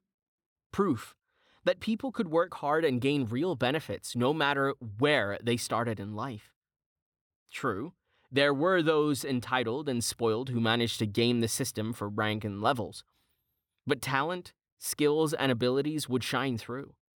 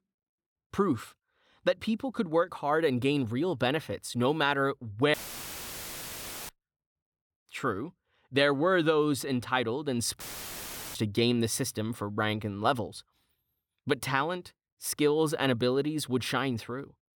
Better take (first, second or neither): first